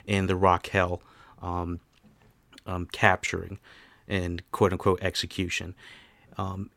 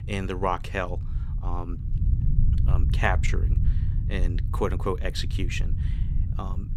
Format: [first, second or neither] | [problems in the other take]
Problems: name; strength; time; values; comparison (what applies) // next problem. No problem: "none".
first | low rumble; noticeable; throughout; 15 dB below the speech